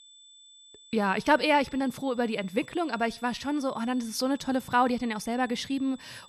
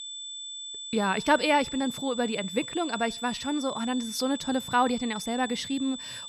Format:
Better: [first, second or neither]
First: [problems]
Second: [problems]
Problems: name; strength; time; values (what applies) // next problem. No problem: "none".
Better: first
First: high-pitched whine; faint; throughout; 3.5 kHz, 25 dB below the speech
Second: high-pitched whine; loud; throughout; 3.5 kHz, 9 dB below the speech